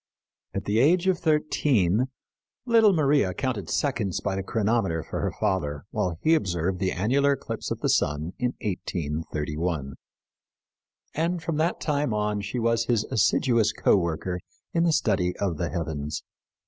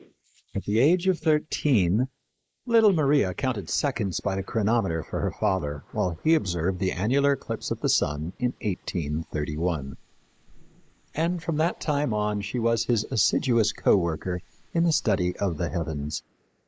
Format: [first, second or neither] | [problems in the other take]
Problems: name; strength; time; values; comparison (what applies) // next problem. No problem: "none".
first | noise reduction (neural mask model Resemble Enhance denoiser)